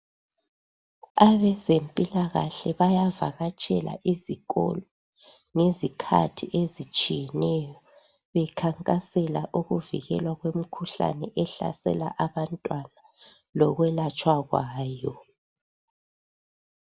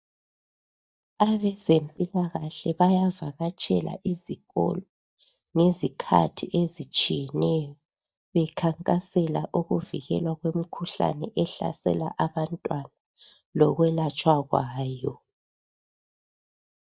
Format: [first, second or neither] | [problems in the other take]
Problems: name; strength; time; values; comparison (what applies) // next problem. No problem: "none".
first | noise reduction (neural mask model DeepFilterNet 3)